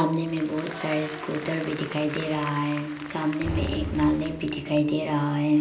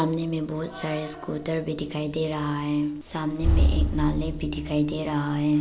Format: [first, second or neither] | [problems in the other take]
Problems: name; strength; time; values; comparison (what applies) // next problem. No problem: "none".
second | background sound (Applause); 16 dB below the speech // room echo; dies away in 0.5 s